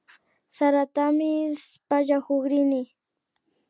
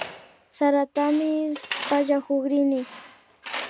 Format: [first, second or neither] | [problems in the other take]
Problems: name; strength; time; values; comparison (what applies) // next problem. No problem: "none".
first | background sound (Tools); 13 dB below the speech